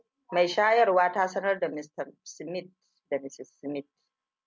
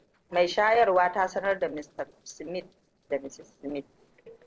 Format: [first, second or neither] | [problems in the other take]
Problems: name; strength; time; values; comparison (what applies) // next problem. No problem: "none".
first | noise reduction (neural separator model SepFormer DNS4)